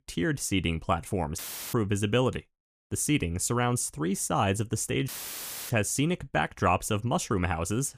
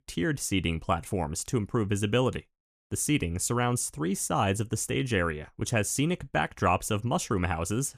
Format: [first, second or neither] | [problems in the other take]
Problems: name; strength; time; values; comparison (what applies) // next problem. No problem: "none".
second | audio cutting out; filled with static; at 1.5 s and at 5 s for 0.5 s